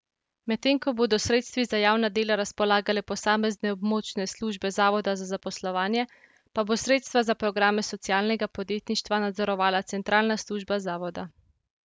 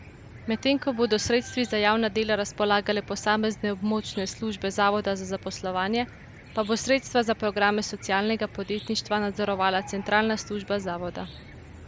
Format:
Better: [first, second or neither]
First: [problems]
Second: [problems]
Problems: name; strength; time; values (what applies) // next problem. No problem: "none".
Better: first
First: none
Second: background sound (Cricket / Chicken, rooster); 17 dB below the speech